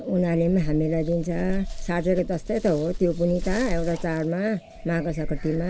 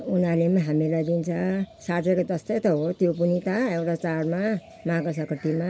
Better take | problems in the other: second | background sound (Dog); 7 dB below the speech

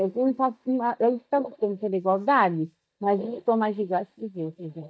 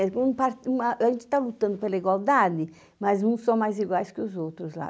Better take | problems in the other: second | noise reduction (neural mask model DeepFilterNet 3)

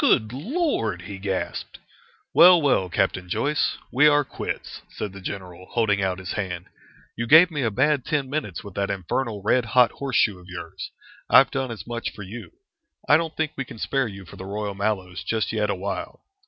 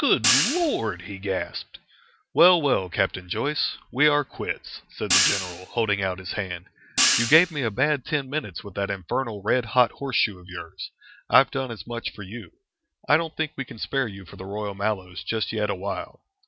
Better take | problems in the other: first | background sound (Hi-hat); 2 dB below the speech

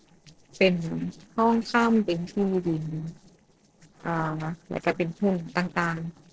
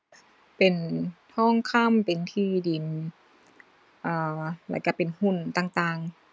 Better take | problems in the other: second | noise reduction (neural separator model SepFormer DNS4)

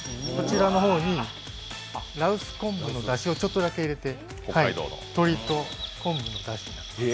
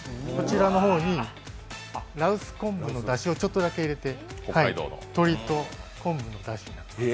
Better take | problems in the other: second | background sound (Chirp, tweet); 13 dB below the speech

